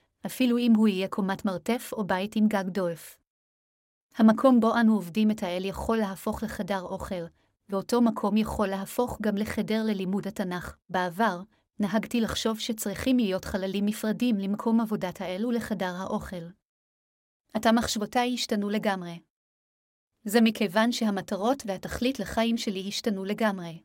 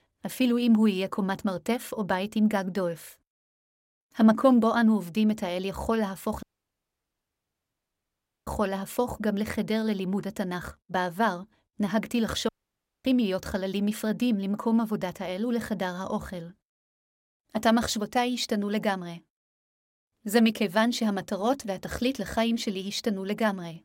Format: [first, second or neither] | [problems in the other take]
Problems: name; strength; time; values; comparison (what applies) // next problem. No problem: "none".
first | audio cutting out; at 6.5 s for 2 s and at 12 s for 0.5 s